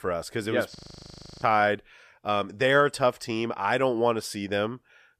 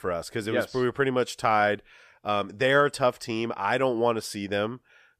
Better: second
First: audio freezing; at 1 s for 0.5 s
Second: none

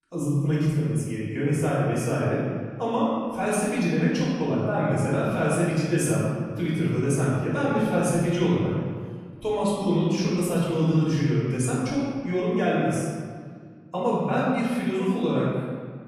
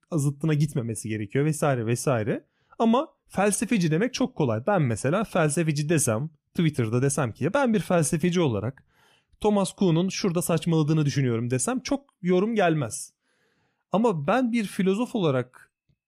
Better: second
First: off-mic speech; far // room echo; strong; dies away in 1.7 s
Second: none

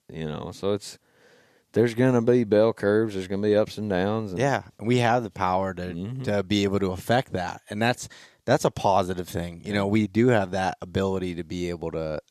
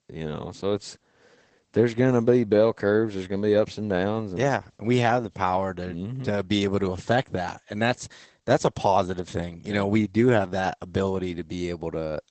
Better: first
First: none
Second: garbled, watery; badly; nothing above 8 kHz

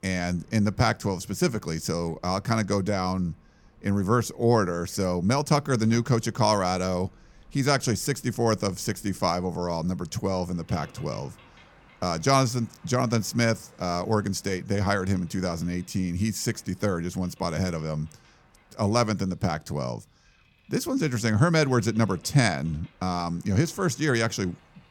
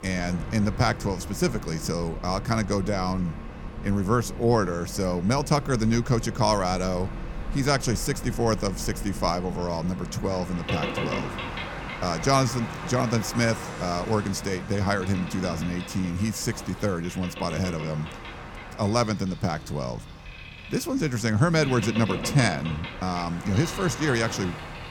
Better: first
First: train or aircraft noise; faint; throughout; 30 dB below the speech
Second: train or aircraft noise; loud; throughout; 10 dB below the speech

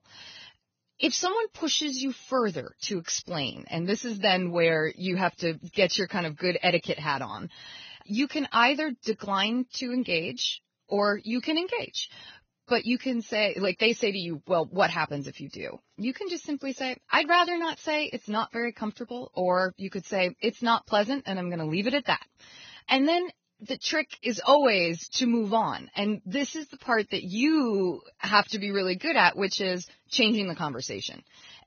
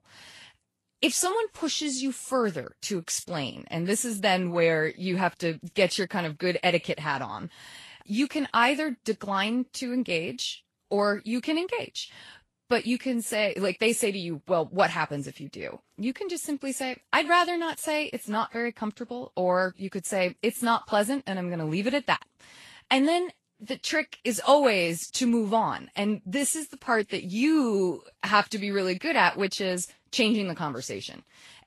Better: second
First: garbled, watery; badly; nothing above 6.5 kHz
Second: garbled, watery; slightly; nothing above 12 kHz

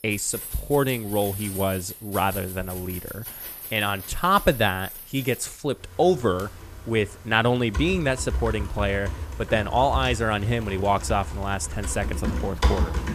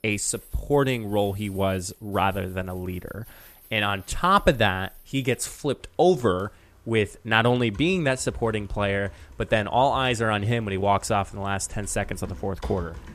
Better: second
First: household noises; loud; throughout; 8 dB below the speech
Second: household noises; faint; throughout; 20 dB below the speech

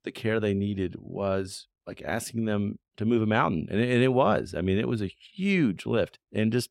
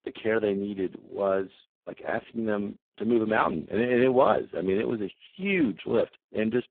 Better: first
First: none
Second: phone-call audio; poor line

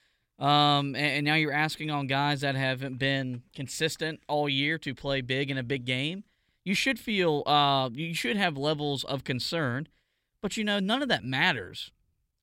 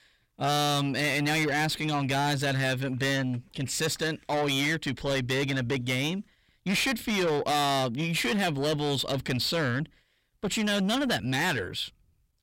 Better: first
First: none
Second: distortion; heavy; 6 dB below the speech

